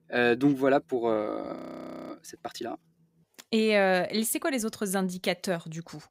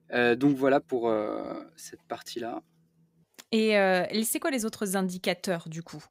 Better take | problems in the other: second | audio freezing; at 1.5 s for 0.5 s

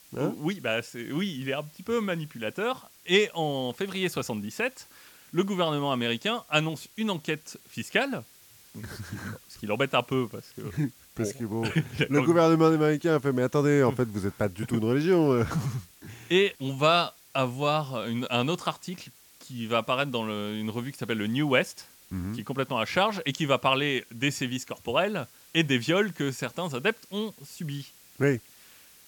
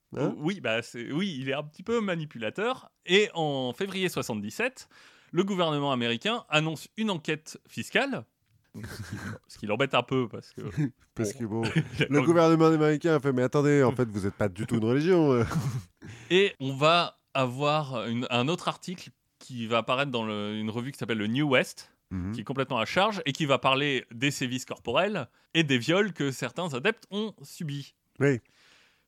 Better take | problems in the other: second | hiss; faint; throughout; 25 dB below the speech

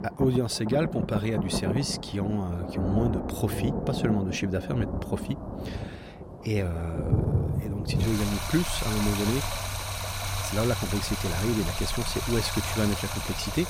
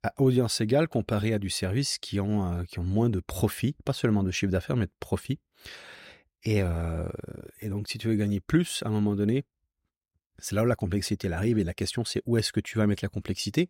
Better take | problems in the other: second | rain or running water; loud; throughout; 2 dB below the speech

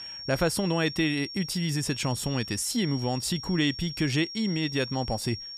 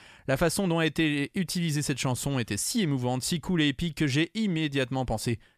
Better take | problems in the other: second | high-pitched whine; loud; throughout; 5.5 kHz, 9 dB below the speech

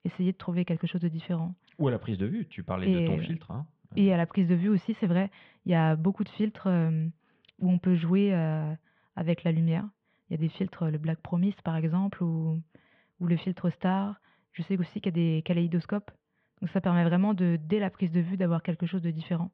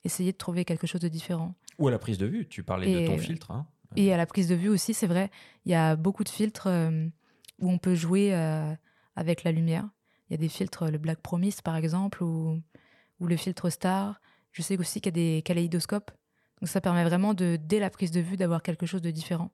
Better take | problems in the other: second | muffled; very; fading above 3.5 kHz

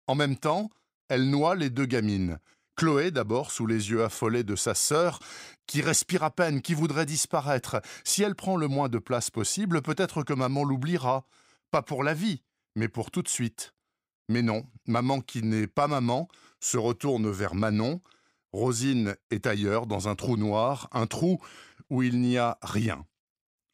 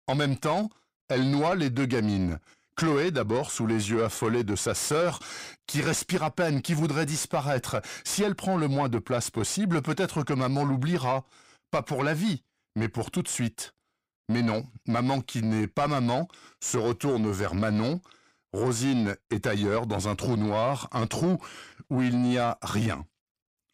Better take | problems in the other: first | distortion; slight; 10 dB below the speech

